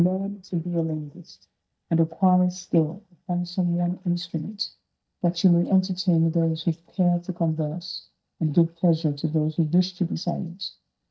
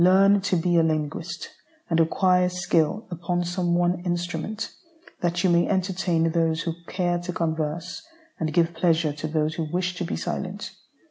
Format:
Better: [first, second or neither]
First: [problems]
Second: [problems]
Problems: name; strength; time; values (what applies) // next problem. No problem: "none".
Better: second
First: noise reduction (neural mask model DeepFilterNet 3)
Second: none